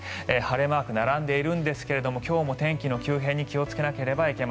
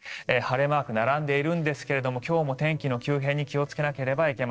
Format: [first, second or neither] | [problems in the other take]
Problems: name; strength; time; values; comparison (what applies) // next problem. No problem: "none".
first | noise reduction (neural separator model SepFormer DNS4)